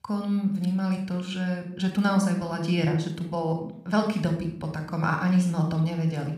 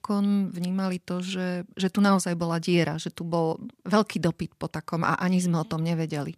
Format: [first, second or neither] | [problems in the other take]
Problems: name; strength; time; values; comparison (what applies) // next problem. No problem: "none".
second | room echo; slight; dies away in 0.6 s